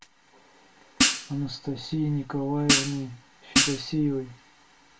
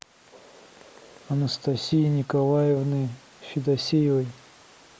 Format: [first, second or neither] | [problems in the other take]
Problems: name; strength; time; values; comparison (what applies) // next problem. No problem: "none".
second | background sound (Hi-hat); 4 dB above the speech // room echo; dies away in 0.2 s